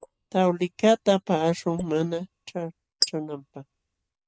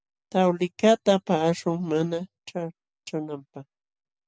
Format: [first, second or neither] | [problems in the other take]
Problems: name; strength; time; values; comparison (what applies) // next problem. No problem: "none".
second | noise reduction (neural mask model Resemble Enhance denoiser)